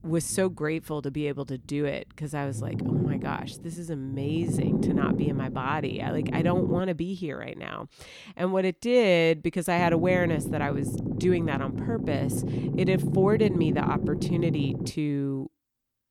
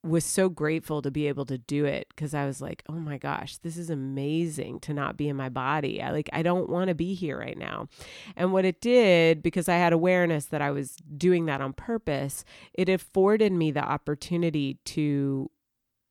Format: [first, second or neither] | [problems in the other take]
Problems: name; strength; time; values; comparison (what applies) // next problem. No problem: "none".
second | low rumble; loud; until 7 s and from 10 to 15 s; 6 dB below the speech